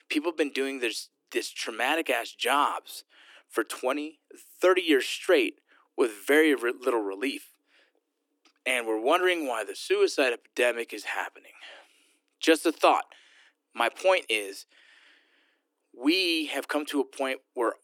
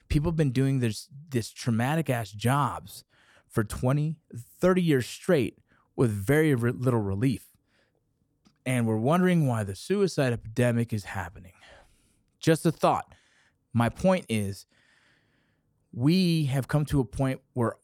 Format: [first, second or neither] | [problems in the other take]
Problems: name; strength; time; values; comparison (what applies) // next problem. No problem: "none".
second | thin; somewhat; fading below 300 Hz